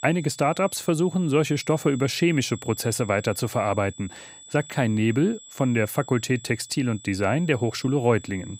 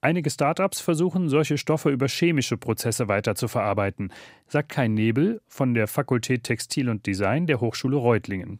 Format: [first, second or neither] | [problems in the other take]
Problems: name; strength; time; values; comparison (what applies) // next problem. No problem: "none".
second | high-pitched whine; noticeable; throughout; 7.5 kHz, 20 dB below the speech